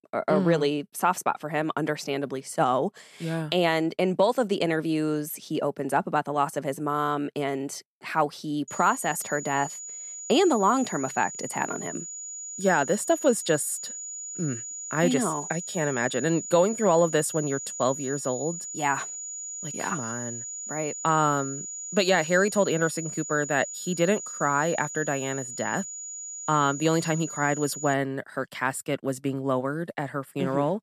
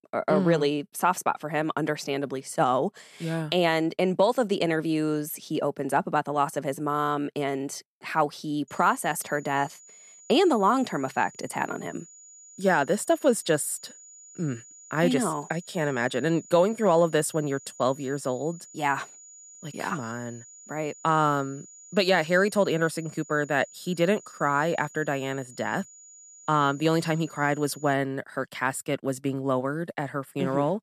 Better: second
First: high-pitched whine; loud; from 8.5 to 28 s; 7 kHz, 8 dB below the speech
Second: high-pitched whine; faint; from 8.5 to 28 s; 7 kHz, 20 dB below the speech

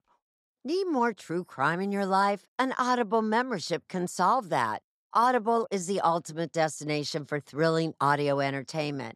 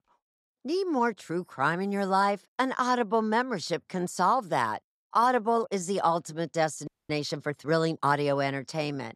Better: first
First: none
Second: audio freezing; at 7 s

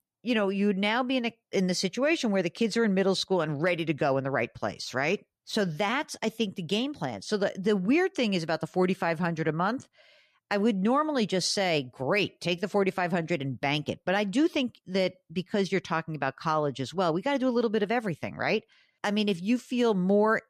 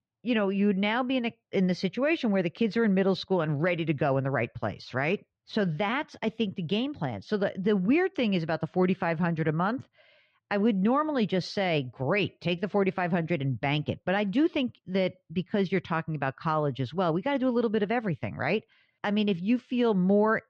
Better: first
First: none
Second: muffled; slightly; fading above 3.5 kHz

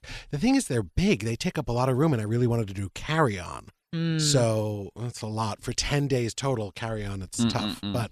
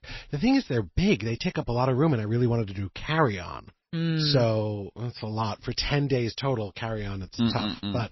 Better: first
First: none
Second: garbled, watery; slightly; nothing above 5.5 kHz

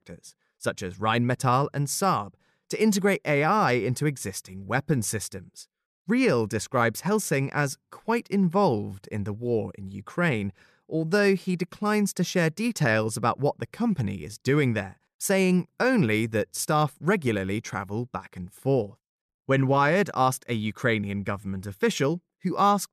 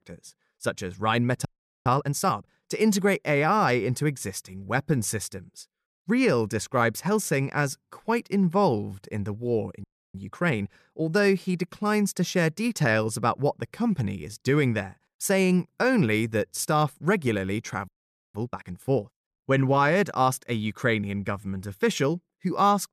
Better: first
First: none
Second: audio freezing; at 1.5 s, at 10 s and at 18 s

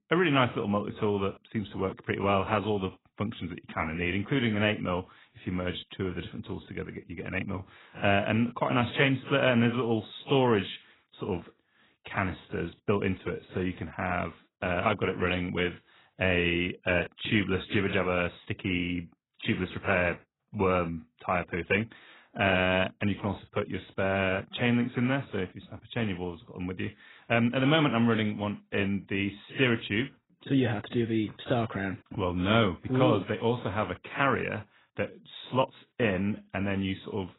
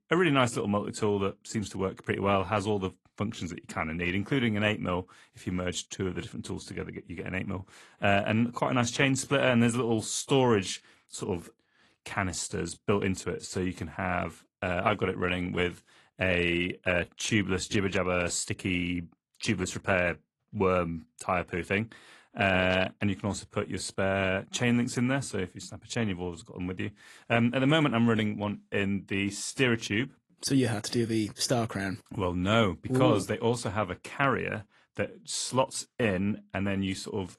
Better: second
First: garbled, watery; badly; nothing above 3.5 kHz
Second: garbled, watery; slightly; nothing above 11.5 kHz

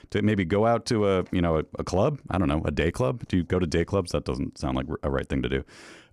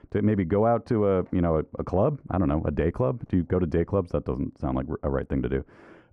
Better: first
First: none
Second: muffled; very; fading above 2.5 kHz

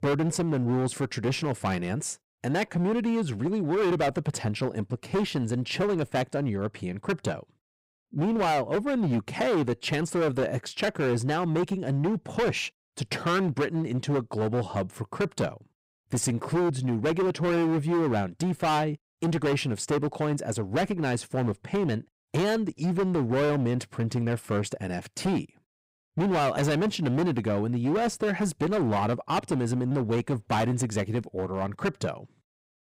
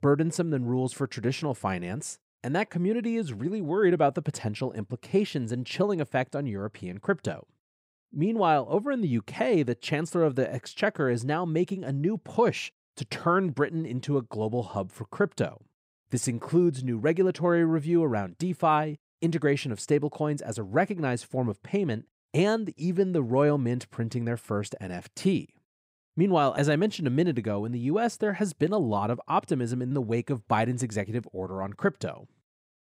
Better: second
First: distortion; heavy; 17% of the sound clipped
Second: none

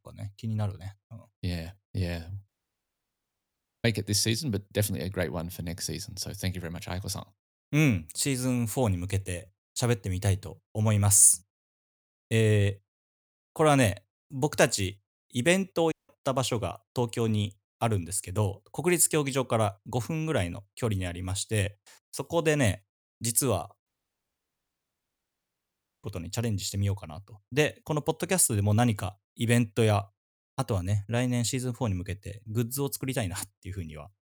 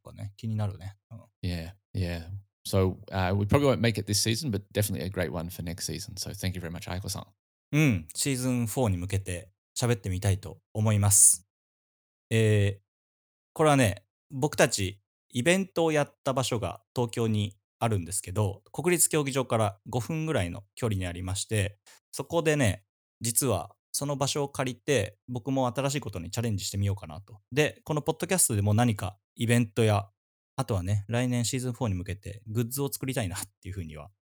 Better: second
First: audio cutting out; at 2.5 s for 1.5 s, at 16 s and at 24 s for 2 s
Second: none

